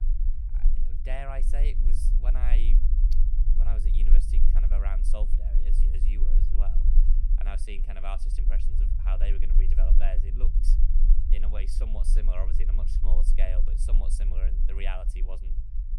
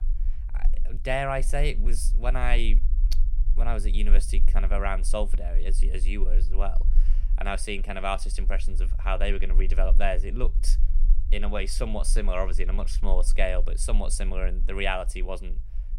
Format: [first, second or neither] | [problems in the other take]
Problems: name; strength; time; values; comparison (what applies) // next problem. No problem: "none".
second | low rumble; loud; throughout; 8 dB below the speech; faint in the second